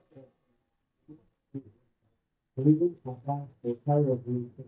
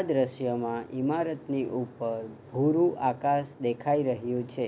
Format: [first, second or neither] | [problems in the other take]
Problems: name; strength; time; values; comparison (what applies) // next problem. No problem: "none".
second | noise reduction (neural mask model DeepFilterNet 3)